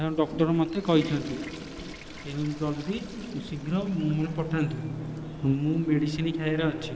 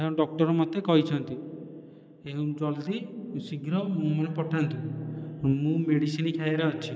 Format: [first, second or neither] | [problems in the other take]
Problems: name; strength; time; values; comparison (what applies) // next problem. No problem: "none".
second | background sound (Bird + Toilet flush / Water); 14 dB below the speech